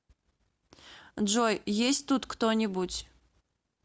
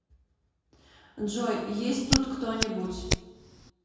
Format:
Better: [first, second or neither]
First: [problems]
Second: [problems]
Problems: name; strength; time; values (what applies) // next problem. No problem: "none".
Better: first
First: none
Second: background sound (Hands); as loud as the speech // room echo; dies away in 1.2 s